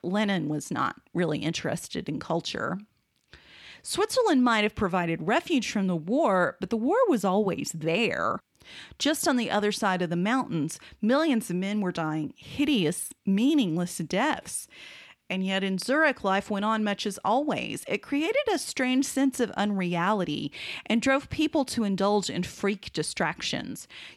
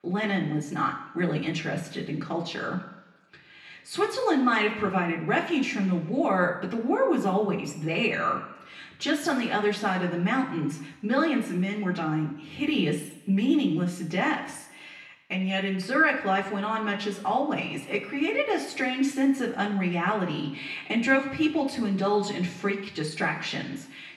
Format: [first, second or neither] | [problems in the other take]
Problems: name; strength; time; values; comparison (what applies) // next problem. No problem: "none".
first | room echo; slight; dies away in 0.9 s // off-mic speech; far